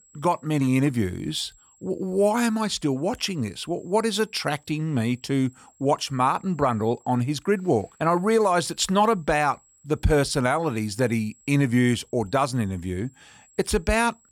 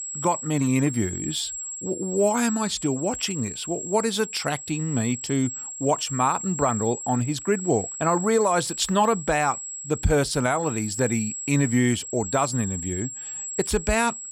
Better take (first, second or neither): first